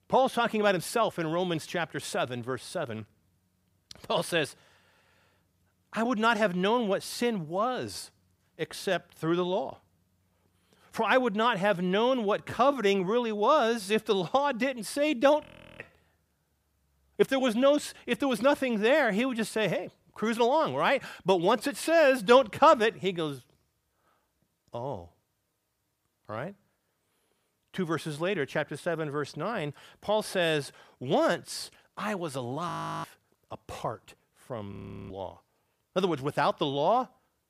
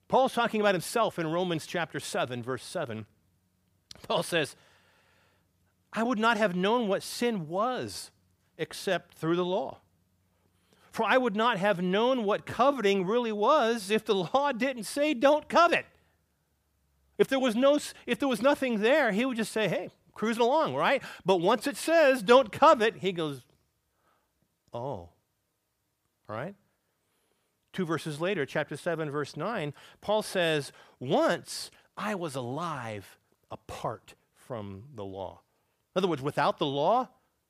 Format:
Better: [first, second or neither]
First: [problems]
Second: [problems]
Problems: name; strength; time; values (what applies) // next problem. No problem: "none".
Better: second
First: audio freezing; at 15 s, at 33 s and at 35 s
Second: none